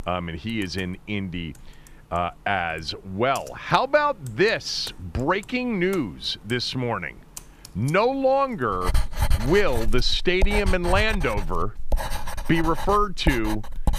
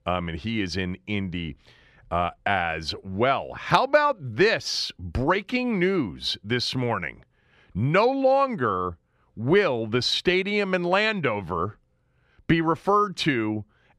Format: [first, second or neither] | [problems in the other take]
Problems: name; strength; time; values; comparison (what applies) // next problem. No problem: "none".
second | household noises; loud; throughout; 7 dB below the speech